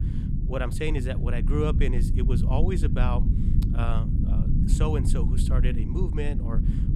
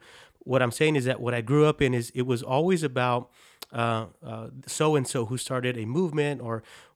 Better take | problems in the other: second | low rumble; loud; throughout; 4 dB below the speech

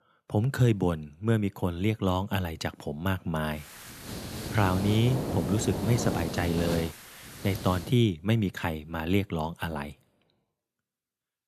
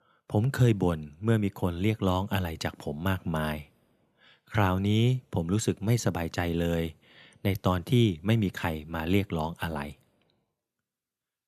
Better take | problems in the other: second | hiss; loud; from 3.5 to 8 s; 6 dB below the speech

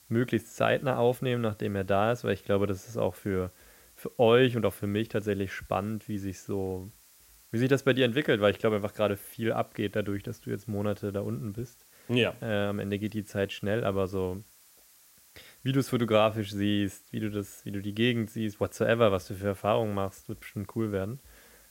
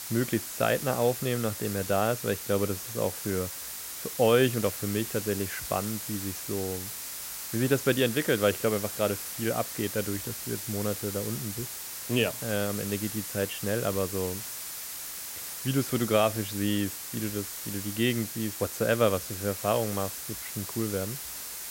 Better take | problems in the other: first | hiss; loud; throughout; 6 dB below the speech; faint in the first

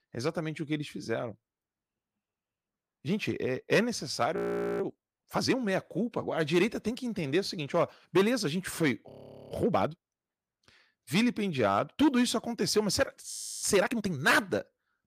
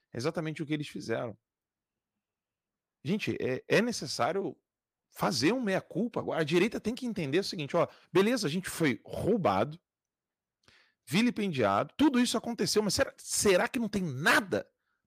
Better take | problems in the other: second | audio freezing; at 4.5 s, at 9 s and at 13 s

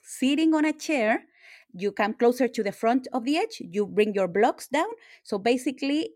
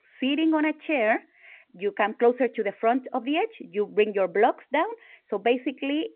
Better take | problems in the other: first | phone-call audio

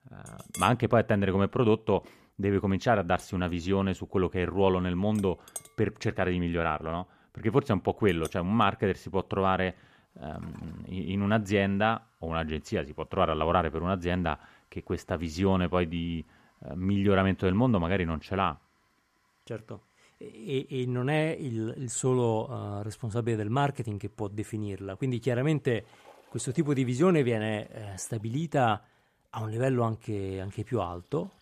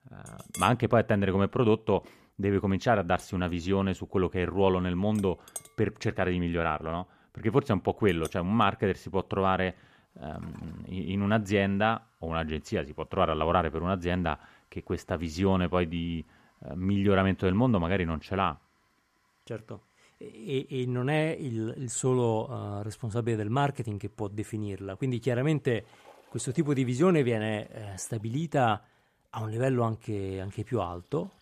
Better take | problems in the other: neither | household noises; faint; throughout; 20 dB below the speech; the same in both

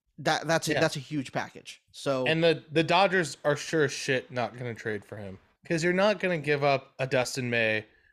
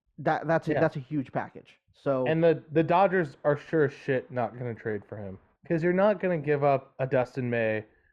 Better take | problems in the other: first | muffled; very; fading above 3 kHz

